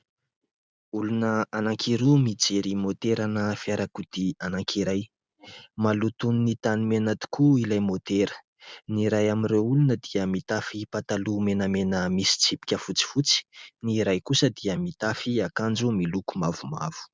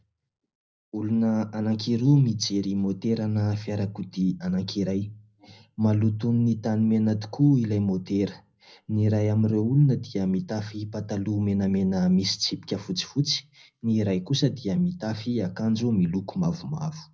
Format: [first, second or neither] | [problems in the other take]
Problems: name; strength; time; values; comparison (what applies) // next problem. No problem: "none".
first | room echo; dies away in 0.4 s